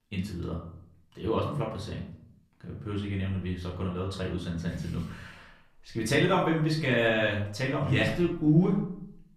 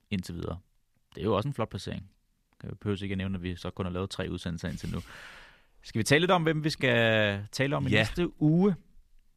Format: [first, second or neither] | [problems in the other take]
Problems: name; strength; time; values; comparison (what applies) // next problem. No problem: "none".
second | off-mic speech; far // room echo; slight; dies away in 0.5 s